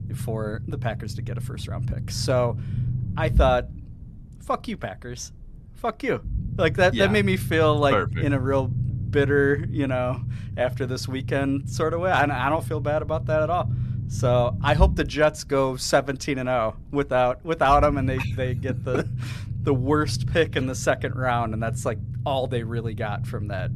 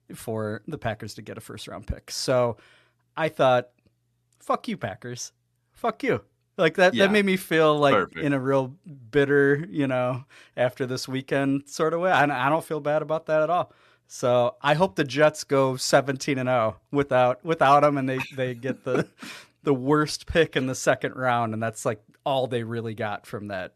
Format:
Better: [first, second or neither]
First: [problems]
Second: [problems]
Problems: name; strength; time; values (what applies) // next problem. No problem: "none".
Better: second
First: low rumble; noticeable; throughout; 20 dB below the speech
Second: none